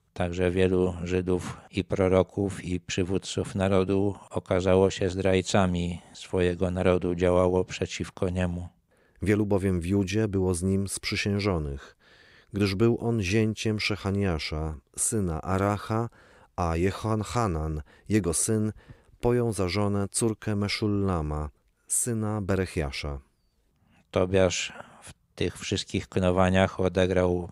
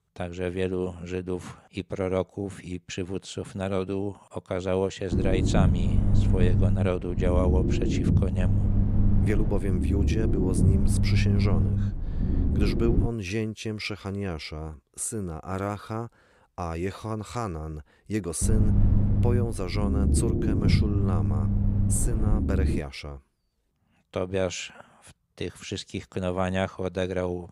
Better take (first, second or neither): first